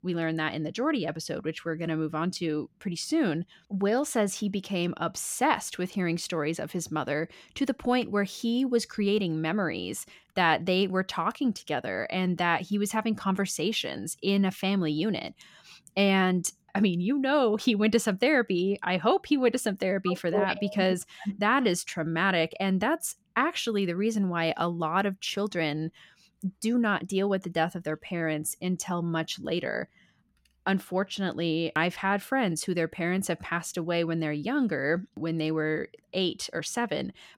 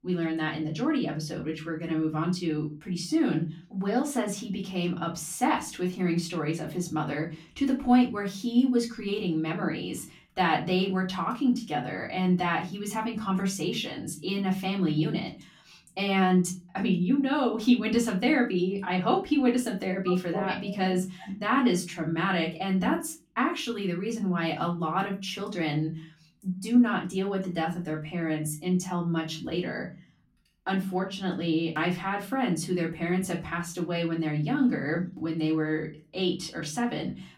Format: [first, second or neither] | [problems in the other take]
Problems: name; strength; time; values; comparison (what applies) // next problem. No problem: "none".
first | off-mic speech; far // room echo; very slight; dies away in 0.3 s